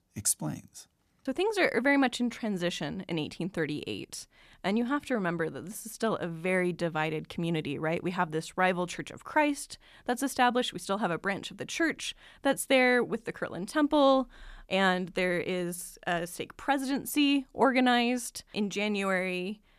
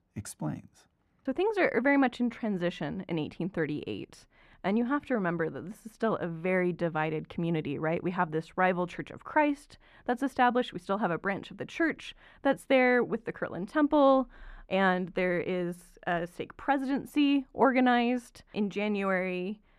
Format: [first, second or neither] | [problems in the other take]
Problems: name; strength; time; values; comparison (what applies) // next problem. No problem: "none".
first | muffled; slightly; fading above 3.5 kHz